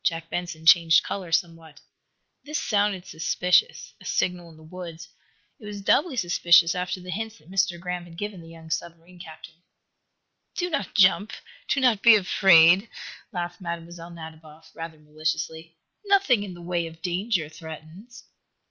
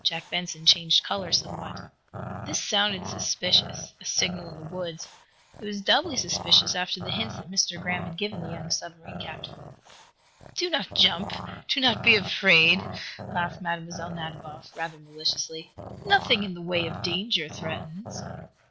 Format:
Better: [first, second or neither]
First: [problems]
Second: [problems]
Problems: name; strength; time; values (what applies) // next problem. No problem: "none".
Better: first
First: none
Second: background sound (Growling); 12 dB below the speech